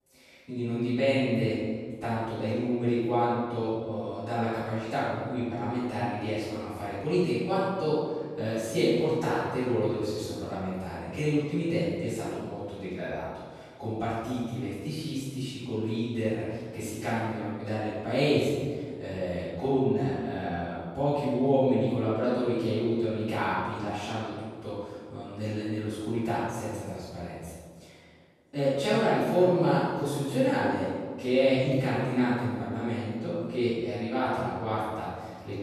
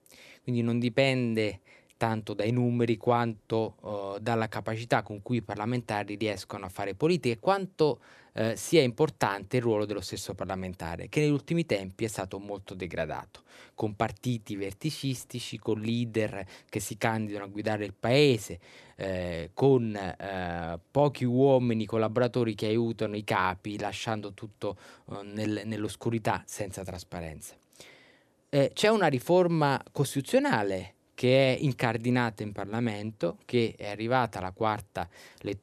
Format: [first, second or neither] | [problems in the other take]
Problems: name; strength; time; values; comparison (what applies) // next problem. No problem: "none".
second | off-mic speech; far // room echo; strong; dies away in 1.5 s